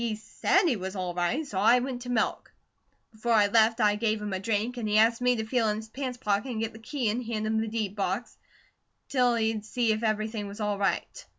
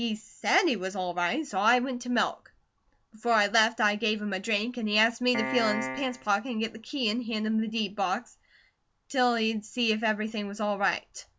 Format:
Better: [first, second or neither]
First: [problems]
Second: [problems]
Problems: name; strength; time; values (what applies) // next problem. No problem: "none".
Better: first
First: none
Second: background sound (Piano); 5 dB below the speech